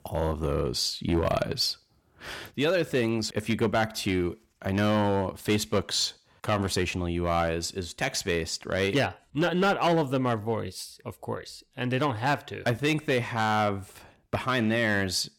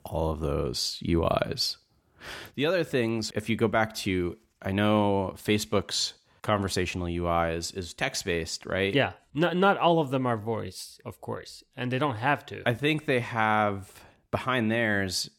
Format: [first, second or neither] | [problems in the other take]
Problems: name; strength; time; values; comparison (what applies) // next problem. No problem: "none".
second | distortion; slight; 4% of the sound clipped